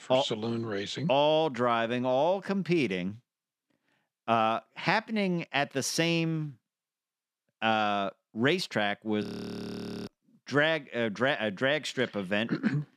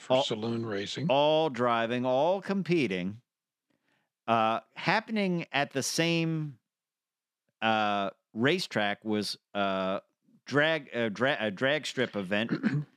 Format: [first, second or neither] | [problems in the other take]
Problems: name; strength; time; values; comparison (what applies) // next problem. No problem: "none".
second | audio freezing; at 9 s for 1 s